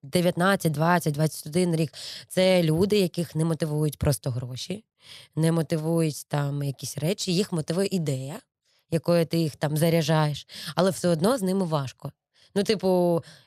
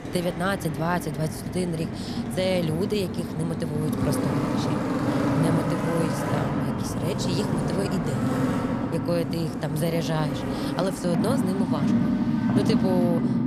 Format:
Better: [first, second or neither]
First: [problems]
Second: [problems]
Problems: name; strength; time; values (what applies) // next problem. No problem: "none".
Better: first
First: none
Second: traffic noise; very loud; throughout; 2 dB above the speech